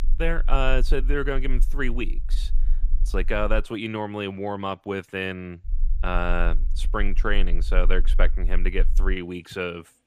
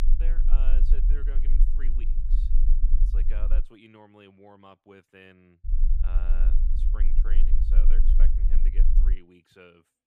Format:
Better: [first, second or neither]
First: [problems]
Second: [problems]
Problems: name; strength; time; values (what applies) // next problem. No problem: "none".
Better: first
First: low rumble; faint; until 3.5 s and from 5.5 to 9 s; 25 dB below the speech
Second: low rumble; loud; until 3.5 s and from 5.5 to 9 s; 3 dB below the speech